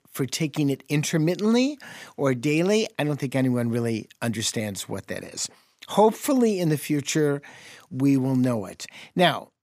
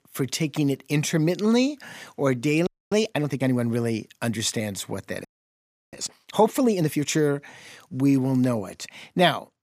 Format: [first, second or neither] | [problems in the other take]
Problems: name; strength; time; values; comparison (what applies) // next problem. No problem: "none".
first | audio freezing; at 2.5 s and at 5.5 s for 0.5 s